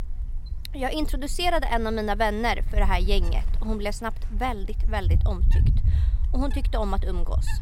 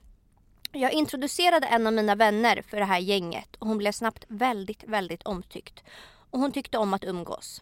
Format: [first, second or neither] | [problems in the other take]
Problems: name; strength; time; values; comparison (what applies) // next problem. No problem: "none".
second | wind noise on the microphone; occasional gusts; 20 dB below the speech